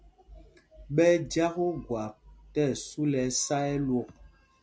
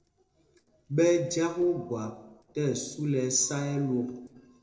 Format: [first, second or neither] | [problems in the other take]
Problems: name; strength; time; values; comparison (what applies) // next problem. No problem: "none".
first | noise reduction (neural separator model SepFormer DNS4)